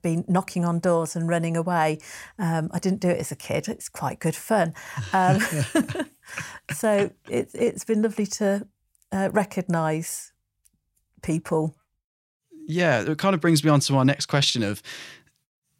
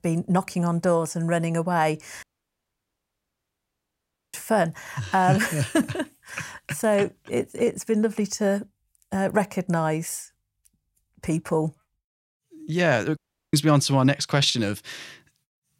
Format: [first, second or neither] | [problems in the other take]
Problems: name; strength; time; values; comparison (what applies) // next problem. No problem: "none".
first | audio cutting out; at 2 s for 2 s and at 13 s